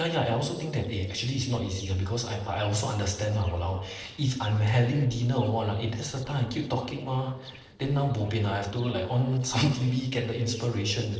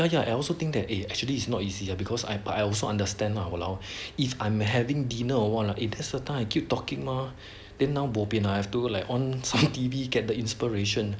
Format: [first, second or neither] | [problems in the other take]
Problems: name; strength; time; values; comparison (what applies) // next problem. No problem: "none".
second | noise reduction (neural separator model SepFormer DNS4)